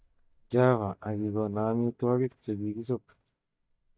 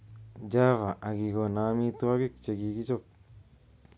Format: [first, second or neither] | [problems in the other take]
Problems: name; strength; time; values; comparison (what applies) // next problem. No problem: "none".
second | noise reduction (neural mask model DeepFilterNet 3)